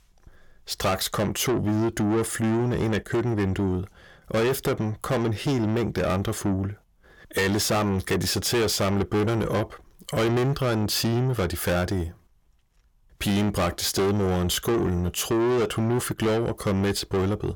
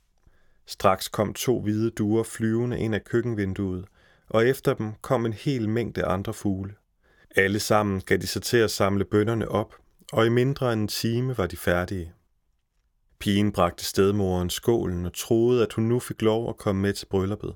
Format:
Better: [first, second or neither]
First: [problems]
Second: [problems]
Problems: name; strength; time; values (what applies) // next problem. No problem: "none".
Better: second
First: distortion; heavy; 6 dB below the speech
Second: none